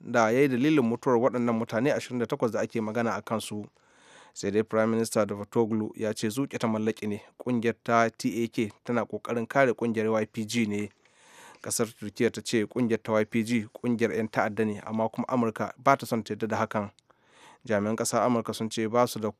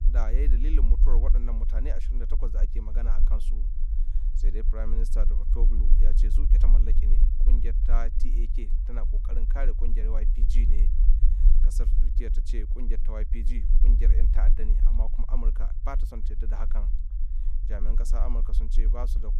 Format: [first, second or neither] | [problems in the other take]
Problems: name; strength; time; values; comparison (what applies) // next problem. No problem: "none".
first | low rumble; loud; throughout; 7 dB below the speech